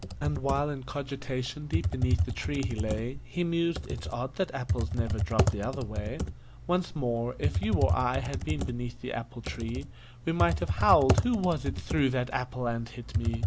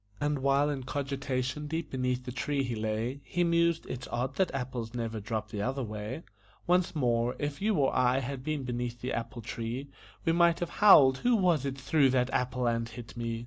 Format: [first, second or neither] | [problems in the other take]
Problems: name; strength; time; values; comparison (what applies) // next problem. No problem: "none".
second | background sound (Computer keyboard); 1 dB below the speech